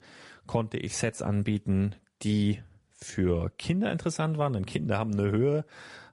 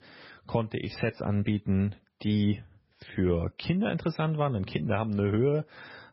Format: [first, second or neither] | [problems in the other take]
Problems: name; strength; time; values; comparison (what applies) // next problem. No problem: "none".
first | garbled, watery; badly; nothing above 5.5 kHz; slightly in the first